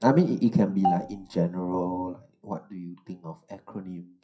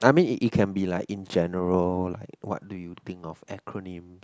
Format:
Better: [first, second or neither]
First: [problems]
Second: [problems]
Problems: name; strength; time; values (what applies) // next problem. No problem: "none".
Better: second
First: noise reduction (classical method WPE with log-MMSE)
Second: none